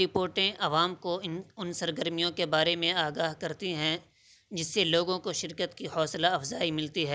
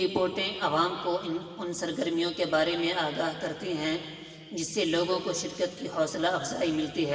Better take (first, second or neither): first